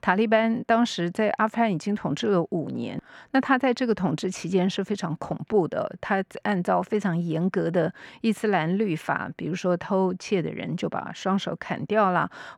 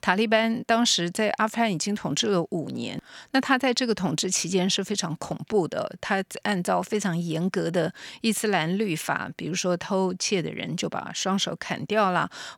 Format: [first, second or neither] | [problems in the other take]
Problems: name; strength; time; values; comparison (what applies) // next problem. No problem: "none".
second | muffled; slightly; fading above 3 kHz